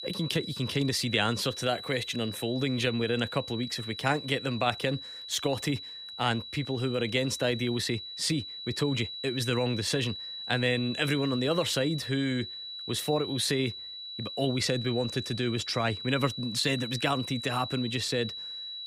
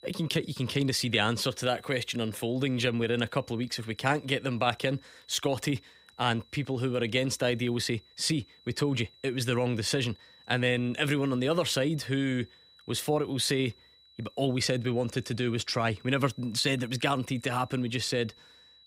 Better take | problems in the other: second | high-pitched whine; loud; throughout; 4 kHz, 8 dB below the speech; faint in the second

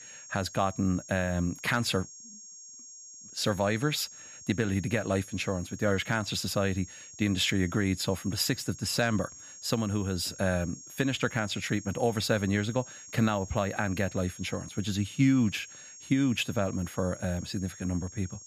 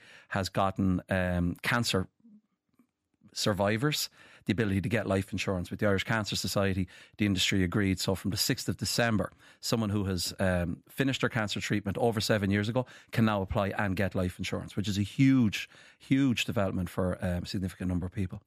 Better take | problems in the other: second | high-pitched whine; noticeable; throughout; 6.5 kHz, 15 dB below the speech

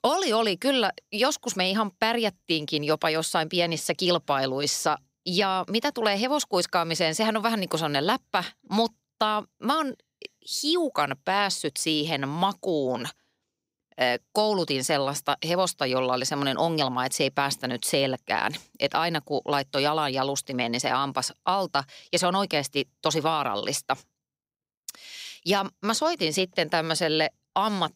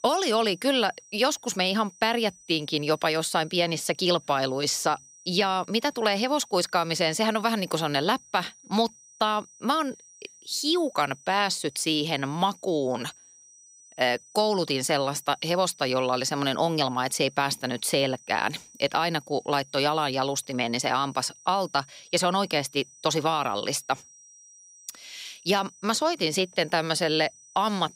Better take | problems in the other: first | high-pitched whine; faint; throughout; 6 kHz, 25 dB below the speech

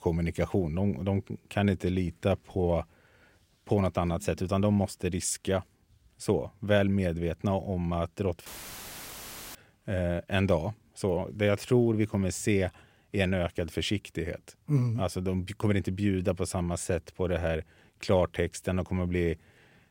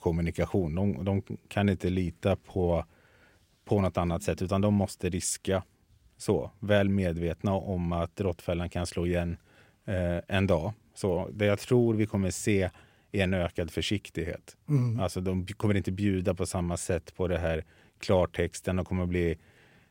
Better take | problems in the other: second | audio cutting out; filled with static; at 8.5 s for 1 s

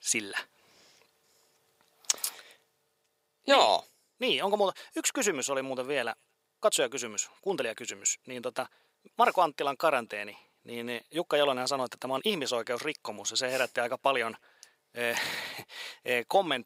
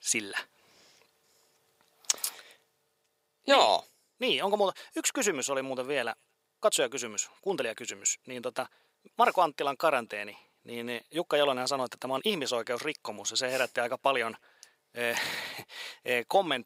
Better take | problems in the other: neither | thin; somewhat; fading below 500 Hz; the same in both

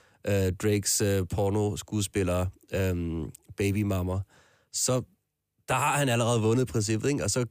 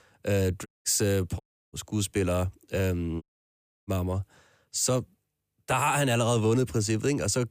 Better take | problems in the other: first | audio cutting out; at 0.5 s, at 1.5 s and at 3 s for 0.5 s

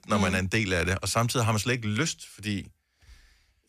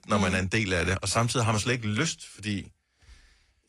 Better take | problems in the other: first | garbled, watery; slightly

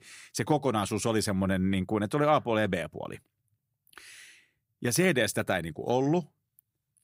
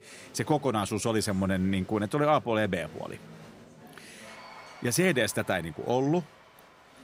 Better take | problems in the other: first | crowd noise; faint; throughout; 20 dB below the speech

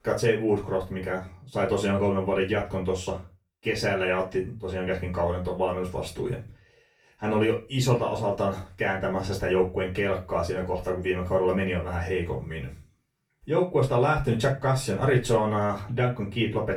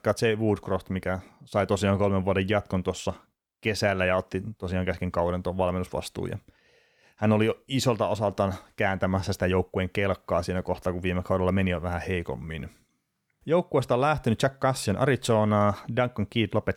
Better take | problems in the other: second | off-mic speech; far // room echo; very slight; dies away in 0.2 s

